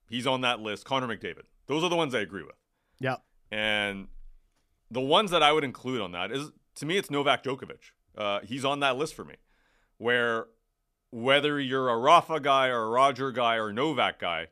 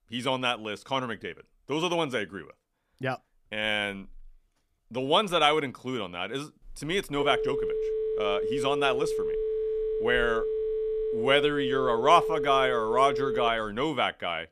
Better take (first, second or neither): first